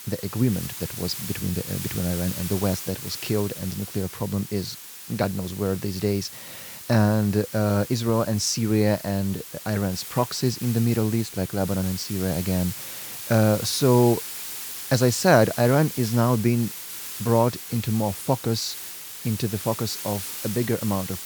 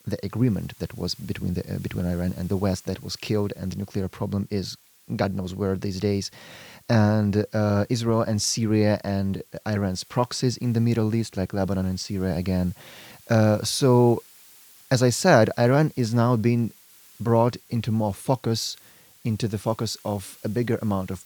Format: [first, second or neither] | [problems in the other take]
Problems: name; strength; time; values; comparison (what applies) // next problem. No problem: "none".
second | hiss; loud; throughout; 9 dB below the speech; faint in the second